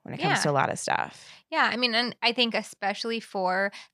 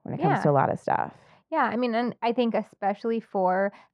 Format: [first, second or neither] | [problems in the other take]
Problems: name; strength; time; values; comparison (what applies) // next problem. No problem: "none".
first | muffled; very; fading above 2 kHz